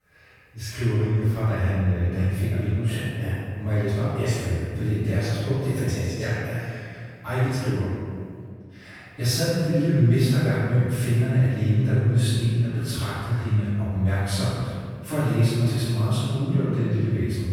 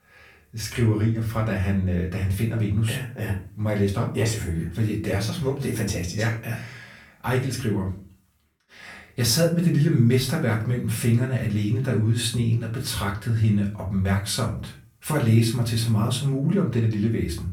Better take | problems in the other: second | room echo; strong; dies away in 1.9 s; slight in the second // off-mic speech; far; far in the second

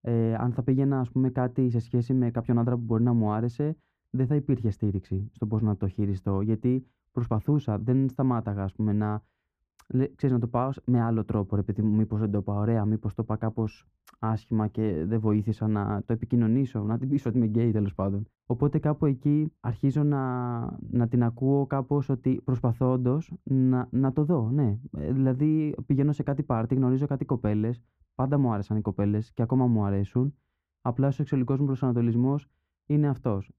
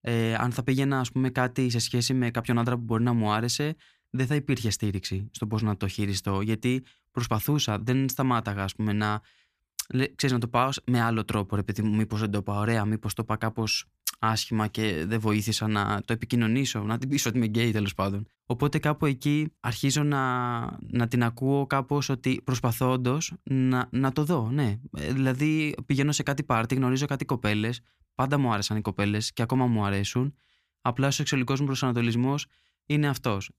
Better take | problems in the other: second | muffled; very; fading above 1.5 kHz

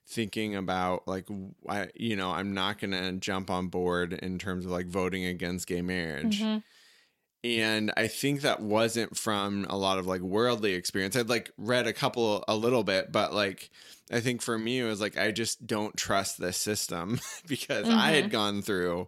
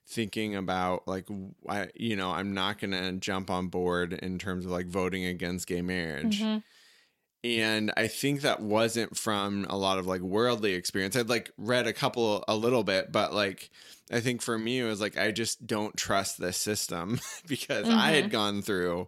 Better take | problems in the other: neither | none

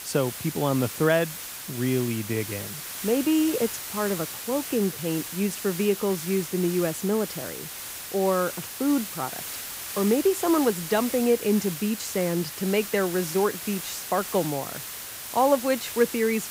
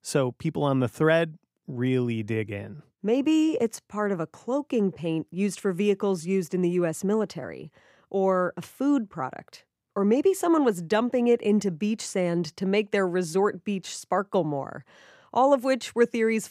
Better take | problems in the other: second | hiss; loud; throughout; 7 dB below the speech

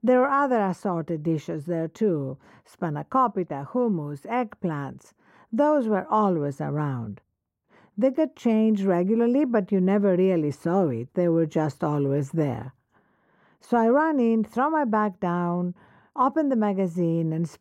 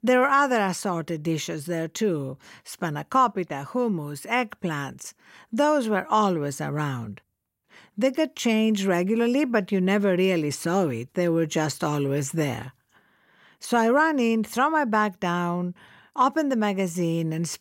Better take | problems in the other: second | muffled; very; fading above 1.5 kHz

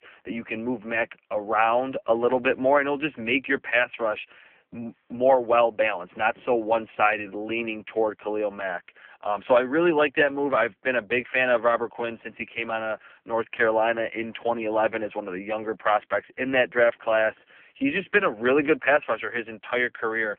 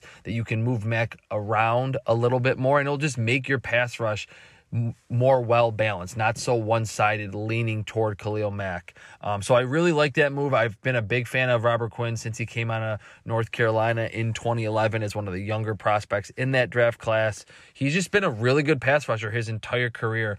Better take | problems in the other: second | phone-call audio; poor line

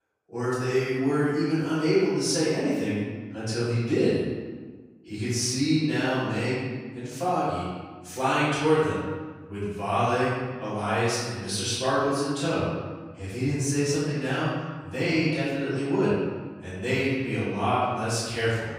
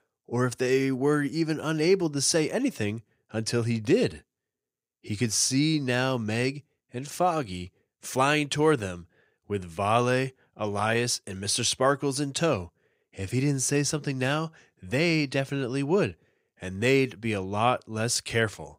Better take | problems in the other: second | off-mic speech; far // room echo; strong; dies away in 1.4 s

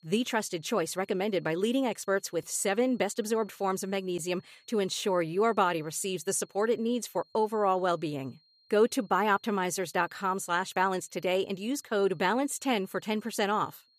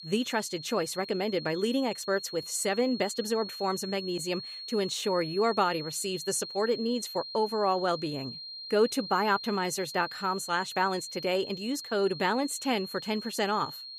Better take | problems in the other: first | high-pitched whine; loud; throughout; 4.5 kHz, 9 dB below the speech; faint in the first

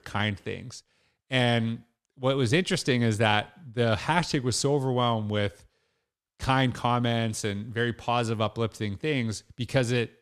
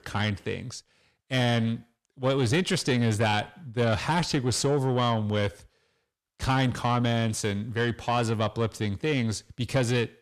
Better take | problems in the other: first | distortion; slight; 10 dB below the speech

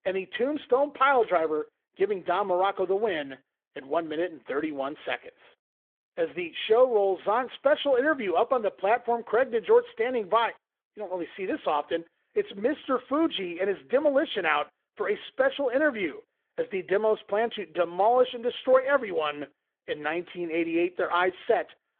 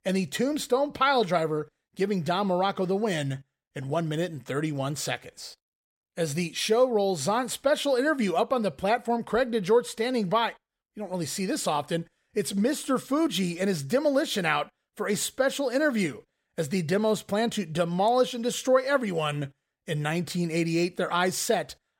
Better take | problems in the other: second | phone-call audio; nothing above 3.5 kHz

